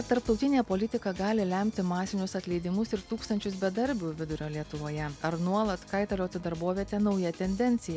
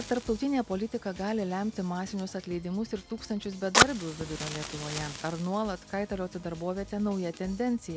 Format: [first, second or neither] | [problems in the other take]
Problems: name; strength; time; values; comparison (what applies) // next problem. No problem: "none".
first | background sound (Fire); 3 dB below the speech